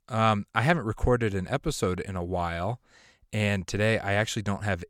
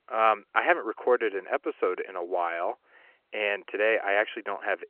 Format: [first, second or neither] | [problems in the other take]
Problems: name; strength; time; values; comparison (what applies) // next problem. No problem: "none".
first | phone-call audio